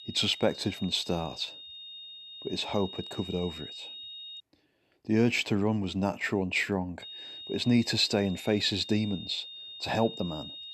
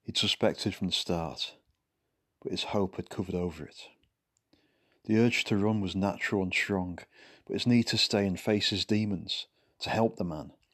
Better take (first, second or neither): second